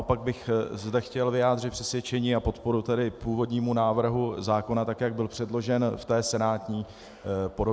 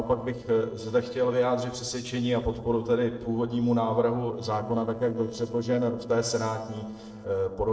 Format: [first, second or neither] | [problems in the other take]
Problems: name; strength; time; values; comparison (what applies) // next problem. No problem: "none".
first | noise reduction (neural separator model SepFormer DNS4)